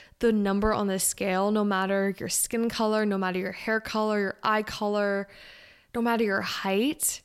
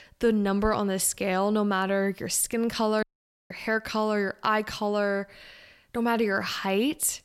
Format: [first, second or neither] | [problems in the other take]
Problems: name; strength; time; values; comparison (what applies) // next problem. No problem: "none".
first | audio cutting out; at 3 s